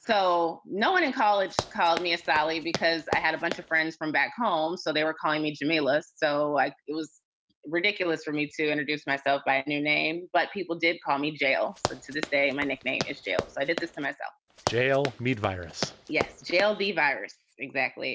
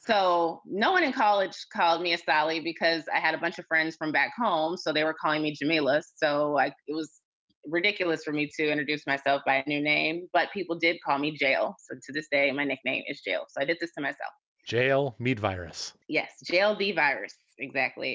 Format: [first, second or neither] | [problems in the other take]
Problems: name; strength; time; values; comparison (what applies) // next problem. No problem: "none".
second | background sound (Run); 9 dB below the speech